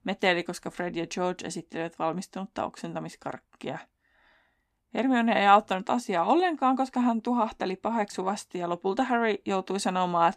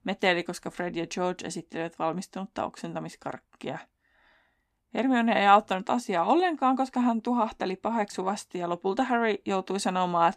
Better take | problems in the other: neither | none

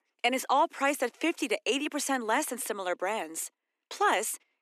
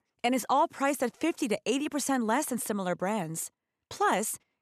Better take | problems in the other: second | thin; very slightly; fading below 300 Hz

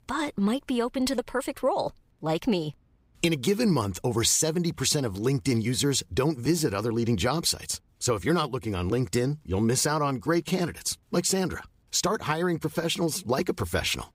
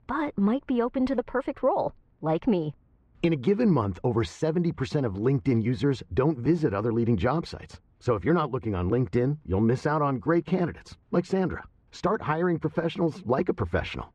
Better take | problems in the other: first | muffled; very; fading above 1.5 kHz

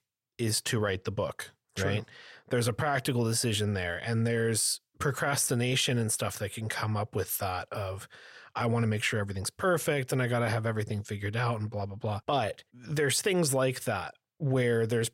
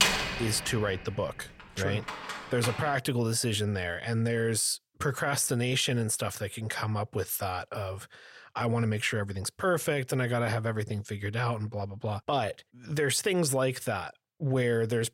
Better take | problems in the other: first | door banging; loud; until 2.5 s; peak 6 dB above the speech

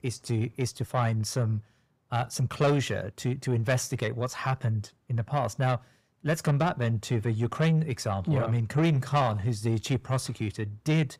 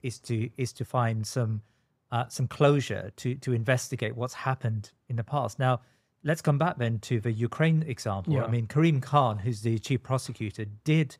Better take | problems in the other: second | distortion; slight; 10 dB below the speech

